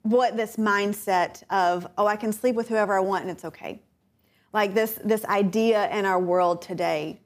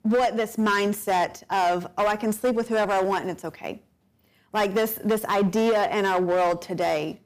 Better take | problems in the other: first | distortion; slight; 10% of the sound clipped

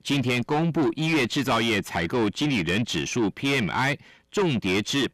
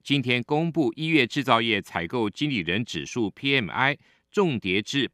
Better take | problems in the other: second | distortion; heavy; 6 dB below the speech

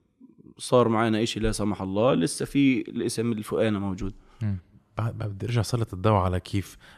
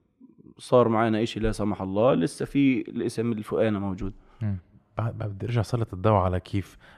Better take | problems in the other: first | muffled; slightly; fading above 3.5 kHz

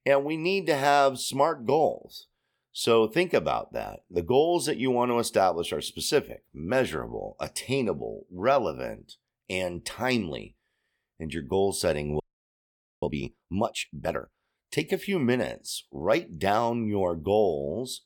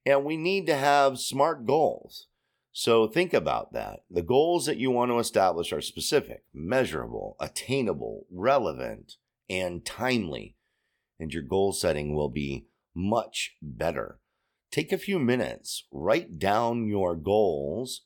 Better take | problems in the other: second | audio freezing; at 12 s for 1 s

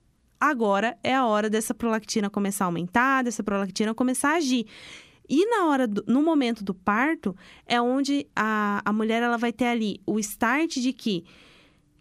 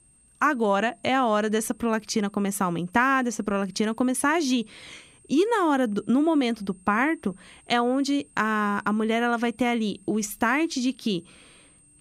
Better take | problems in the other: first | high-pitched whine; faint; throughout; 8.5 kHz, 30 dB below the speech

